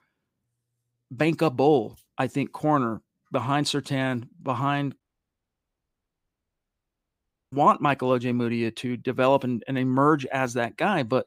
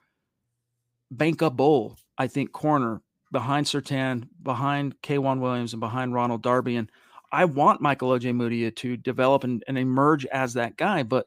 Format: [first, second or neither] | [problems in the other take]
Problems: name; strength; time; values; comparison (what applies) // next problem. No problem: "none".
second | audio cutting out; at 5 s for 2.5 s